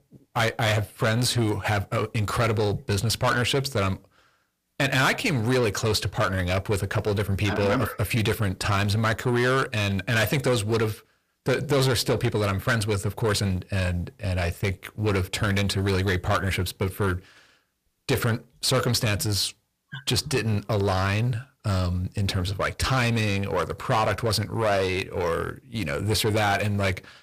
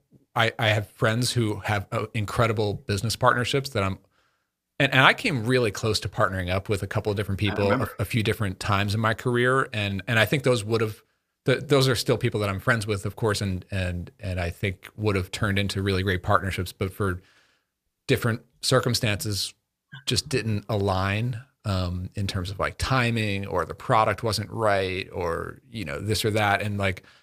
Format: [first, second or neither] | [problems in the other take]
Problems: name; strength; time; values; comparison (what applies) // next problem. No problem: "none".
second | distortion; heavy; 8 dB below the speech